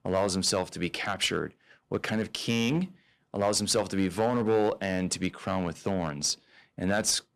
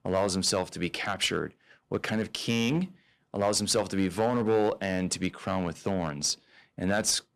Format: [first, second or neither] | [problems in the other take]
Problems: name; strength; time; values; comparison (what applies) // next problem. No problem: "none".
neither | distortion; slight; 3% of the sound clipped; the same in both